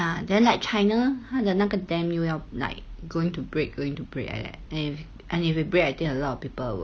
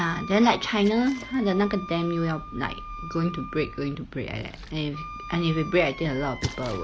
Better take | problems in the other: first | background sound (Splash, splatter + Wind instrument, woodwind instrument); 13 dB below the speech

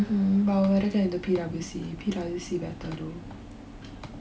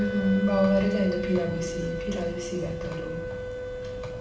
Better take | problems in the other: first | background sound (Wind instrument, woodwind instrument); 6 dB below the speech // room echo; dies away in 1.1 s

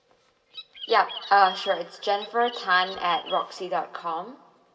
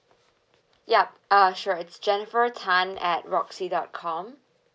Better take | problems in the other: second | background sound (Bird); 13 dB below the speech // room echo; dies away in 1.5 s

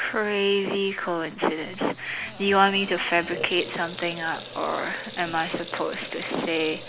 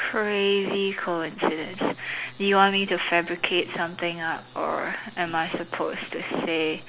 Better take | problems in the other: second | background sound (Sink (filling or washing) / Water tap, faucet); 15 dB below the speech

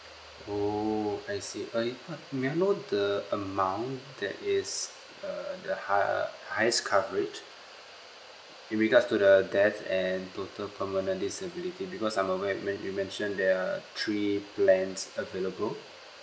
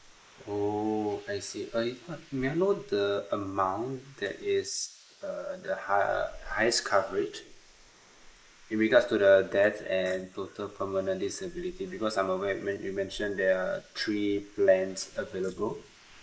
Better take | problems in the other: first | noise reduction (neural mask model Resemble Enhance denoiser)

